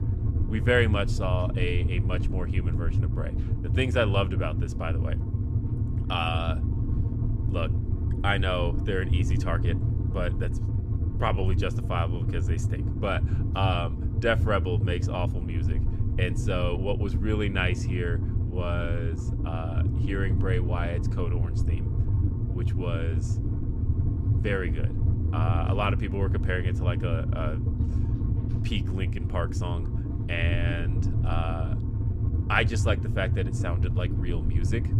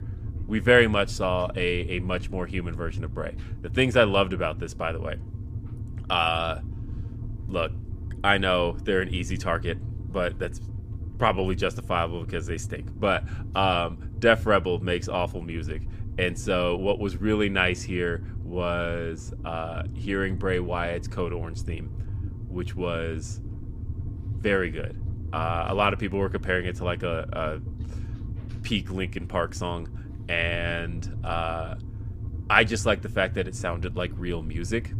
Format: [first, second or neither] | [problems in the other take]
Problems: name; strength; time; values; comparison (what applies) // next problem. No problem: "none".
second | low rumble; loud; throughout; 9 dB below the speech; faint in the second